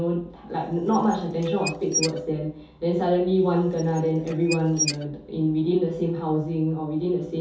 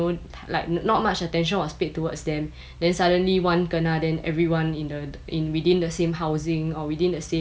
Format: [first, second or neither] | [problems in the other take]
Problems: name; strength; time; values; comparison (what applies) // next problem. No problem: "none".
second | background sound (Squeak / Dishes, pots, and pans); 10 dB below the speech // room echo; dies away in 0.5 s